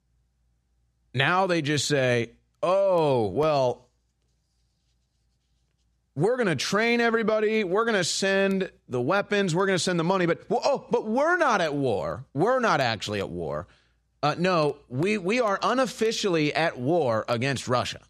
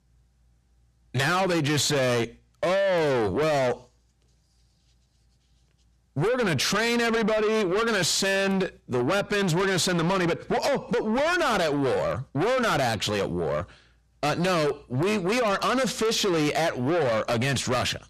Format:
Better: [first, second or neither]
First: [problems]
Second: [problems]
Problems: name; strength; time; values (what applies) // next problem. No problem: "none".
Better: first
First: none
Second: distortion; heavy; 6 dB below the speech